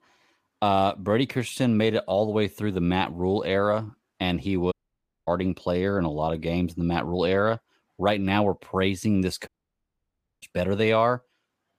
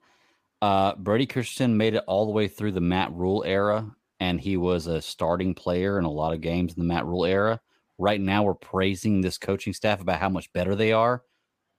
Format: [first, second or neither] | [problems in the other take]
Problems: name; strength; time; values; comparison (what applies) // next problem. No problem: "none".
second | audio cutting out; at 4.5 s for 0.5 s and at 9.5 s for 1 s